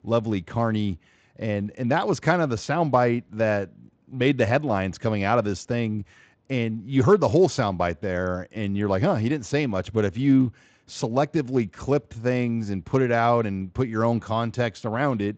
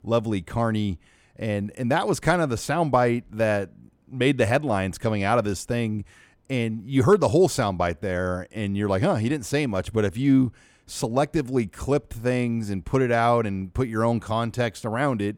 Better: second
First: garbled, watery; slightly; nothing above 7.5 kHz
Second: none

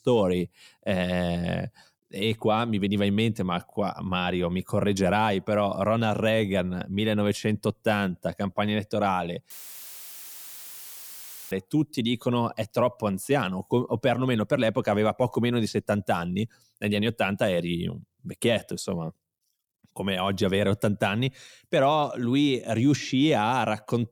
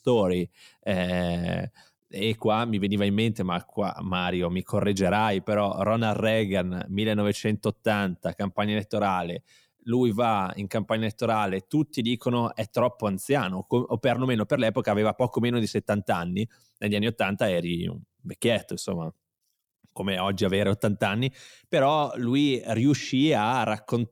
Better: second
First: audio cutting out; filled with static; at 9.5 s for 2 s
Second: none

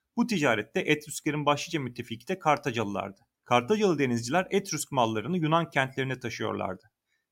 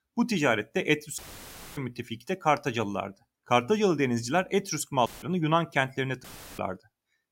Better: first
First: none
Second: audio cutting out; filled with static; at 1 s for 0.5 s, at 5 s and at 6 s

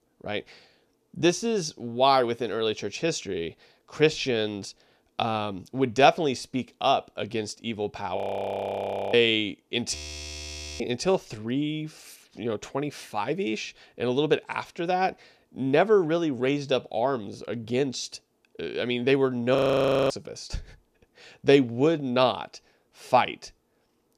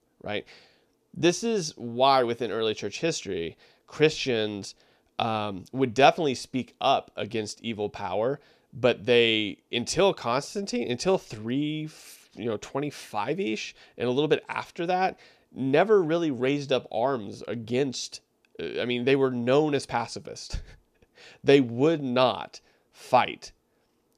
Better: second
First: audio freezing; at 8 s for 1 s, at 10 s for 1 s and at 20 s for 0.5 s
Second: none

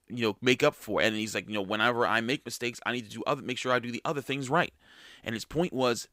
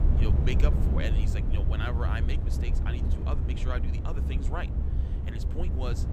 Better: first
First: none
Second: low rumble; loud; throughout; 3 dB below the speech

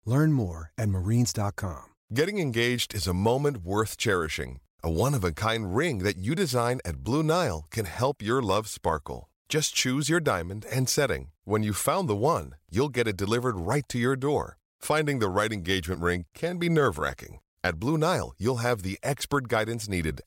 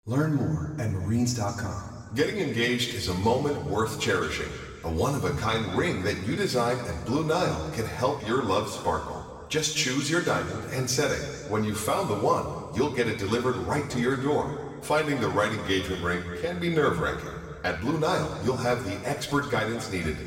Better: first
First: none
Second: room echo; noticeable; dies away in 1.9 s // off-mic speech; far

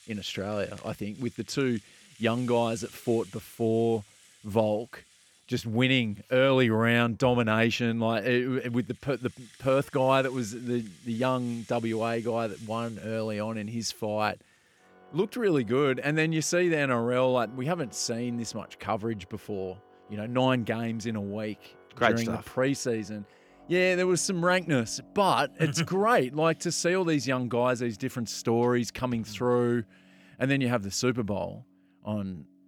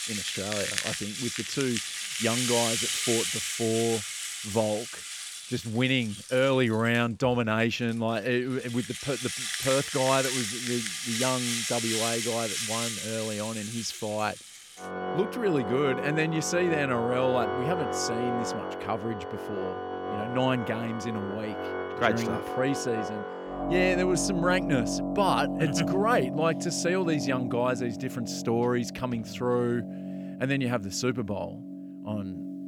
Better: first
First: background music; faint; throughout; 25 dB below the speech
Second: background music; loud; throughout; 3 dB below the speech

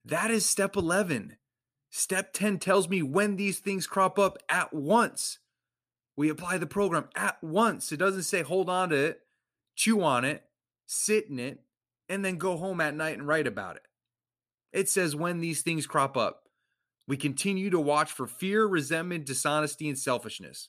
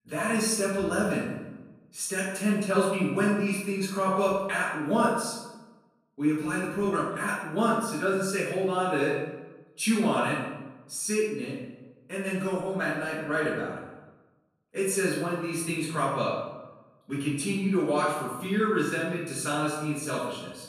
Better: first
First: none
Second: off-mic speech; far // room echo; noticeable; dies away in 0.9 s

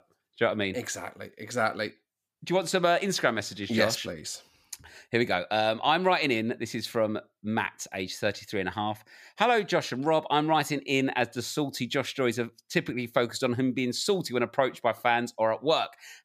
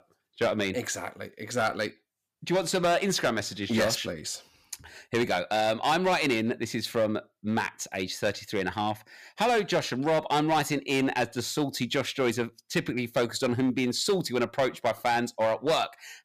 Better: first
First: none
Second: distortion; slight; 6% of the sound clipped

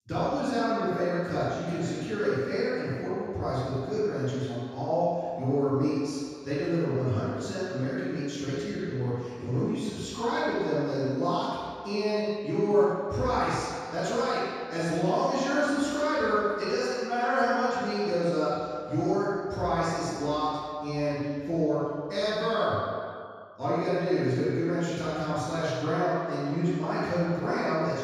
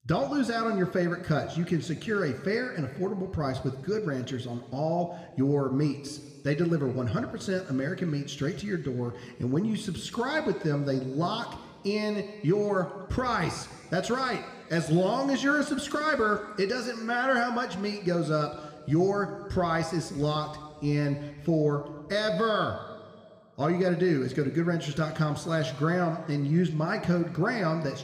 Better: second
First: room echo; strong; dies away in 1.8 s // off-mic speech; far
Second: room echo; slight; dies away in 1.5 s

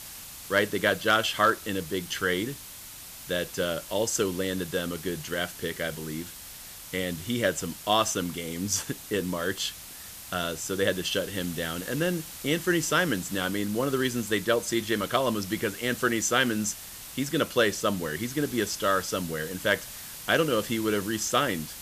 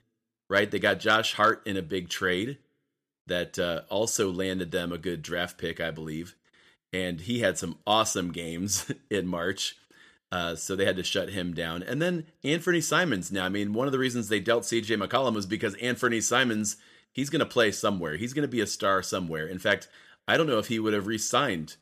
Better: second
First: hiss; noticeable; throughout; 10 dB below the speech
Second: none

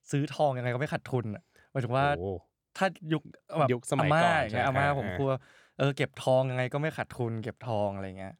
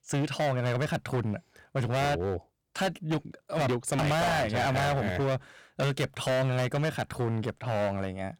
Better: first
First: none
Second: distortion; heavy; 21% of the sound clipped

